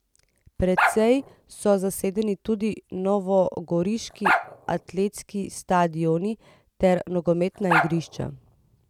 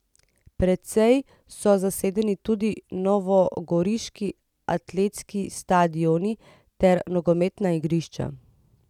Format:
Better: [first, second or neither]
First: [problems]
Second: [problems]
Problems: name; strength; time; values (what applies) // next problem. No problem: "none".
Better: second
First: background sound (Bark); 2 dB below the speech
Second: none